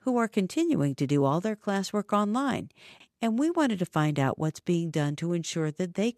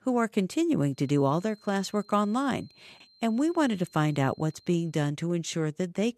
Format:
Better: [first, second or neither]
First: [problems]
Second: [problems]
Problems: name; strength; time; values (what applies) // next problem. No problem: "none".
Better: first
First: none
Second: high-pitched whine; faint; from 1 to 5 s; 4 kHz, 30 dB below the speech